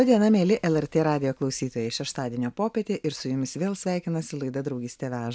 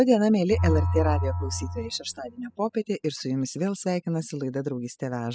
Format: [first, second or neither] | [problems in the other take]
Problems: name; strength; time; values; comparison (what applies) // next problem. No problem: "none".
first | noise reduction (classical method spectral subtraction)